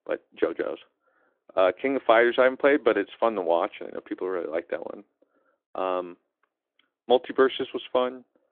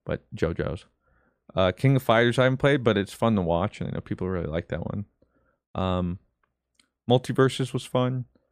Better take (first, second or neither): second